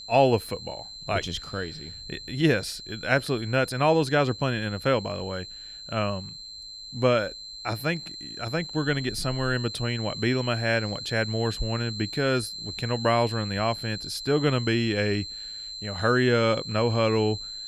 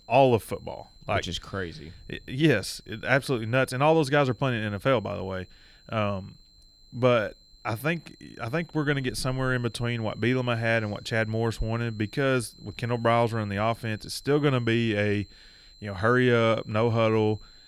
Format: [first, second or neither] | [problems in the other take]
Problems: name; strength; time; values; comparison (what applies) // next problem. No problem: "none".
second | high-pitched whine; loud; throughout; 4 kHz, 10 dB below the speech; faint in the second